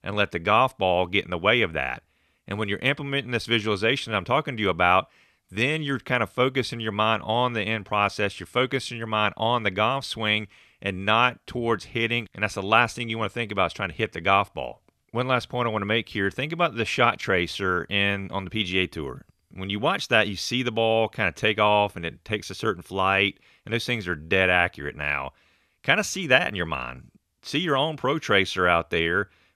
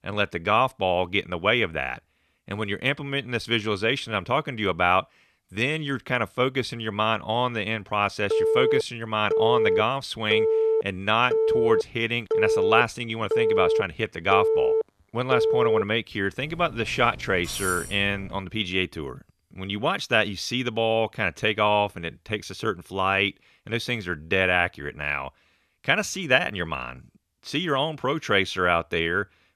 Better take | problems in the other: first | phone ringing; loud; from 8.5 to 16 s; peak 3 dB above the speech // clattering dishes; noticeable; from 16 to 18 s; peak 6 dB below the speech

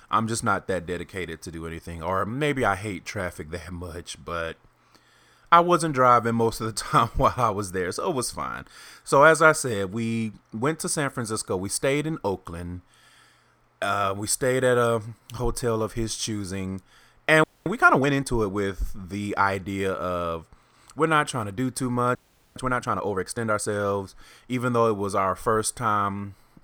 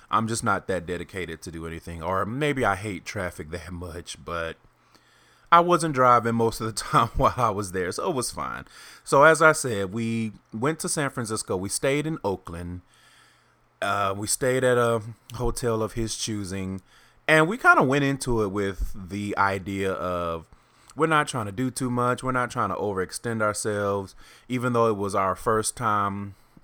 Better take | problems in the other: second | audio freezing; at 17 s and at 22 s

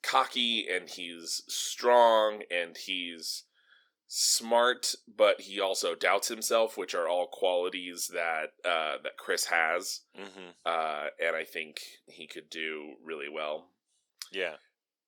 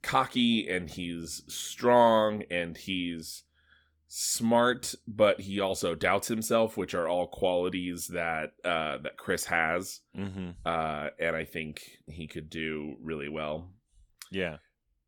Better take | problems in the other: second | thin; somewhat; fading below 400 Hz

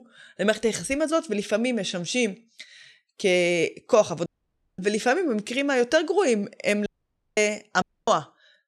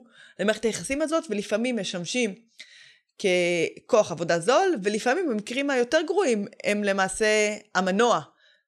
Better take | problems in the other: second | audio cutting out; at 4.5 s for 0.5 s, at 7 s for 0.5 s and at 8 s

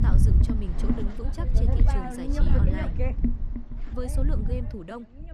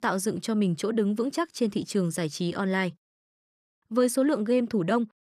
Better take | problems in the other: second | wind noise on the microphone; heavy; 3 dB above the speech

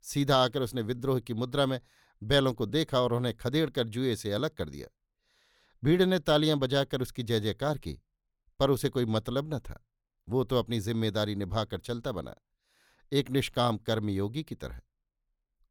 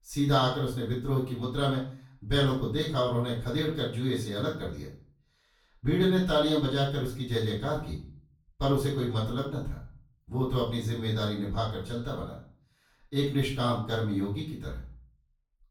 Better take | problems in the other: first | room echo; noticeable; dies away in 0.4 s // off-mic speech; far

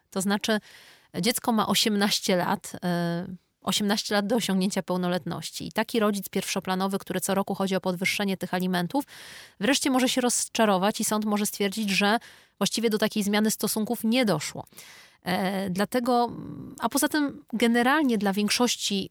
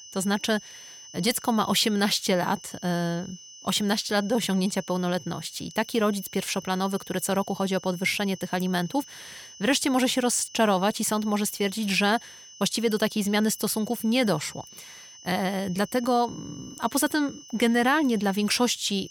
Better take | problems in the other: first | high-pitched whine; noticeable; throughout; 6 kHz, 20 dB below the speech

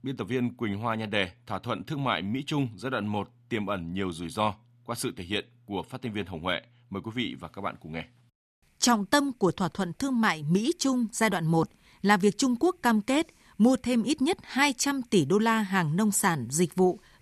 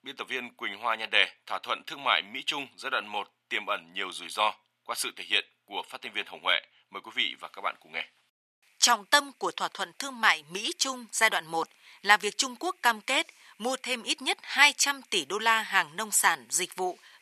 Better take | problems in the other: first | thin; very; fading below 750 Hz

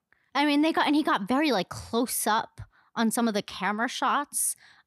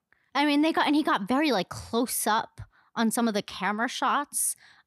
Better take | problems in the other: neither | none

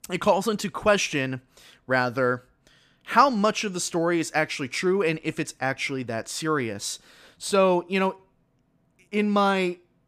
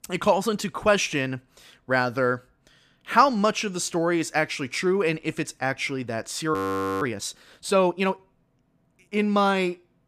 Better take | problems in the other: first | audio freezing; at 6.5 s

